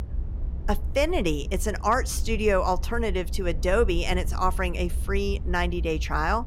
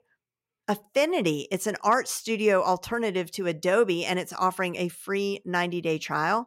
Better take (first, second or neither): second